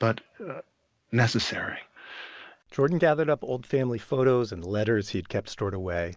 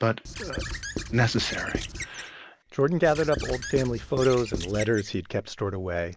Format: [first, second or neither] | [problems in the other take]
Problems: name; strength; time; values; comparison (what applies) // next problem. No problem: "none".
first | background sound (Squeak / Writing); 9 dB below the speech